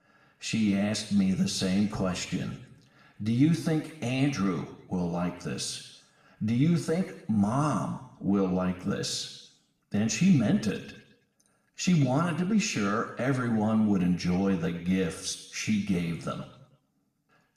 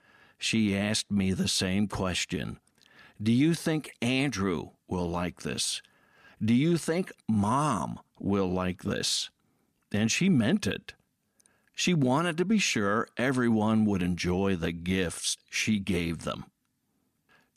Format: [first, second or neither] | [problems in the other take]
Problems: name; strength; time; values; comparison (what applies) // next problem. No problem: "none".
second | room echo; slight; dies away in 0.8 s // off-mic speech; somewhat distant